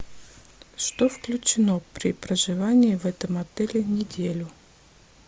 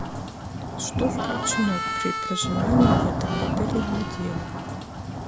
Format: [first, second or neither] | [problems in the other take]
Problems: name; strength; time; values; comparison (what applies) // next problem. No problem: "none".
first | background sound (Harmonica + Thunder / Rain); 3 dB above the speech